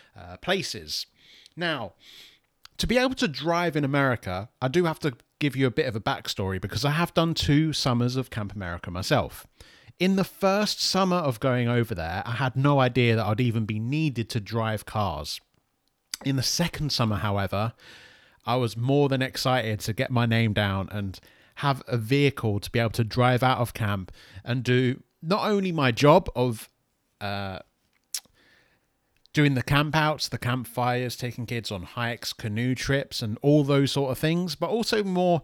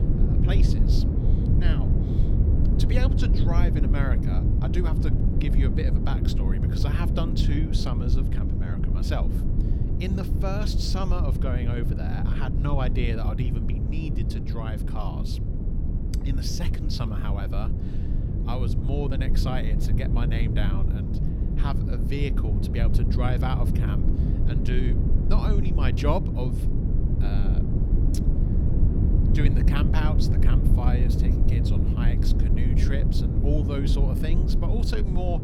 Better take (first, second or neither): first